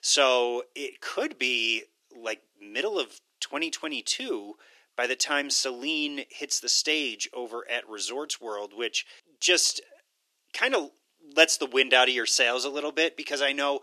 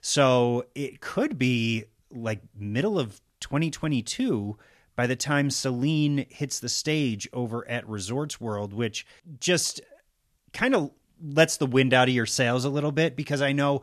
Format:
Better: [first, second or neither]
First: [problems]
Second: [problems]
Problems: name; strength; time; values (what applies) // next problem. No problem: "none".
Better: second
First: thin; somewhat; fading below 350 Hz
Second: none